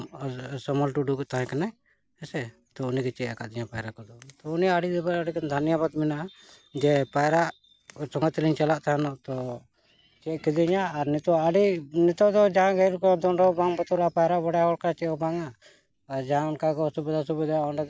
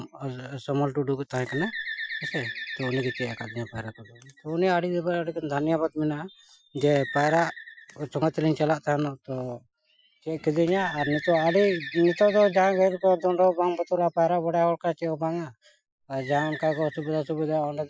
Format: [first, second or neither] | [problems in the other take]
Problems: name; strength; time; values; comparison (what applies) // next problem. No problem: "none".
first | noise reduction (classical method Wiener filter)